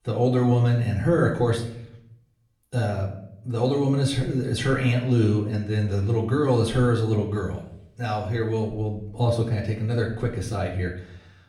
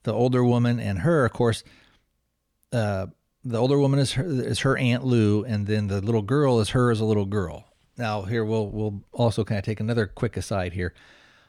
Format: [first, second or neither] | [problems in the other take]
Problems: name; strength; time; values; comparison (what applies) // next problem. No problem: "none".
second | off-mic speech; far // room echo; slight; dies away in 0.6 s